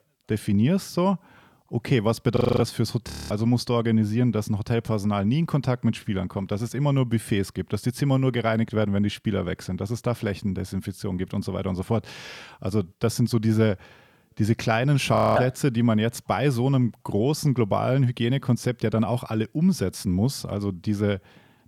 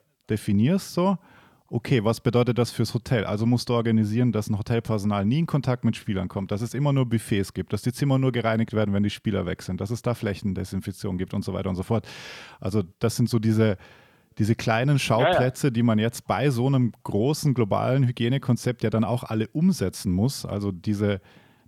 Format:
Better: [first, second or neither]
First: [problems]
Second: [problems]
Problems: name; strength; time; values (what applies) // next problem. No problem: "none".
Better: second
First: audio freezing; at 2.5 s, at 3 s and at 15 s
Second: none